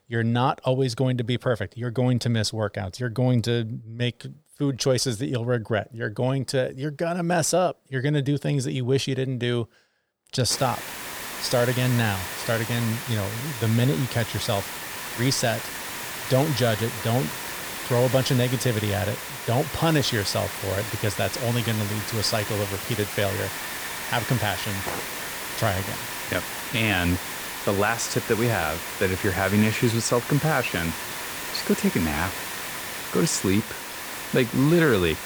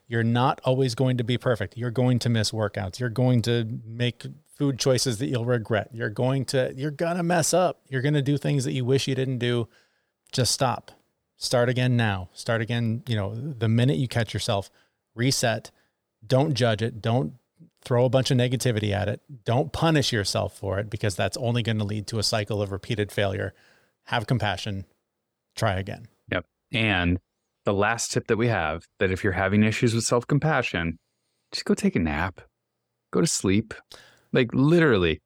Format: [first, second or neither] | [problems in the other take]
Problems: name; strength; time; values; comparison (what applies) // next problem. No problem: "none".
second | hiss; loud; from 11 s on; 6 dB below the speech